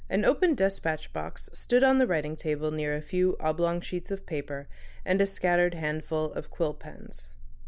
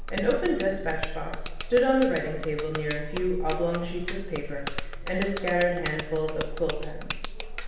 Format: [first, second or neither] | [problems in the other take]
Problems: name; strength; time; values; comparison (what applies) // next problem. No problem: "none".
first | background sound (Bicycle bell); 12 dB below the speech // room echo; dies away in 0.9 s